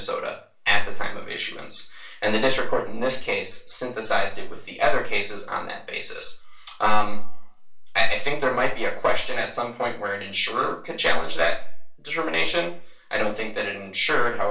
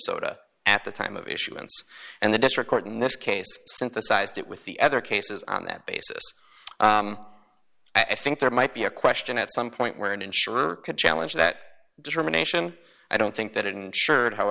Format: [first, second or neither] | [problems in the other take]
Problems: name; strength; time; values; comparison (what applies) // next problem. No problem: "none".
second | room echo; dies away in 0.3 s